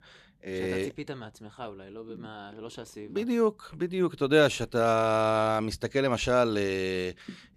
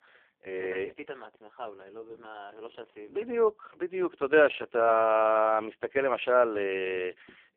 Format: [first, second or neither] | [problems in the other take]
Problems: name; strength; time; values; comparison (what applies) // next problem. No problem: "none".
first | phone-call audio; poor line